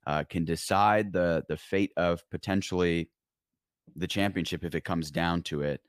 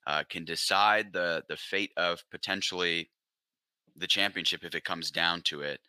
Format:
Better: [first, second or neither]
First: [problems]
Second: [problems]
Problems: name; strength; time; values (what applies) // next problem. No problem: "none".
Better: first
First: none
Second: thin; somewhat; fading below 850 Hz